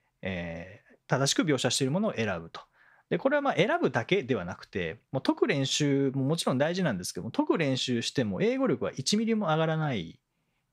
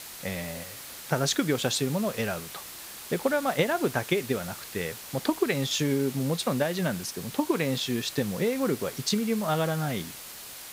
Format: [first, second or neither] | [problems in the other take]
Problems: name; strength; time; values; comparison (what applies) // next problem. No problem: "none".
first | hiss; noticeable; throughout; 10 dB below the speech